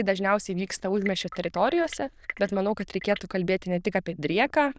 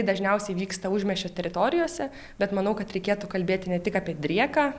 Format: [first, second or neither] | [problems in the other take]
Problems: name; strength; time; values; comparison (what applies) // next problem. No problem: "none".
second | noise reduction (neural diffusion model UNIVERSE++)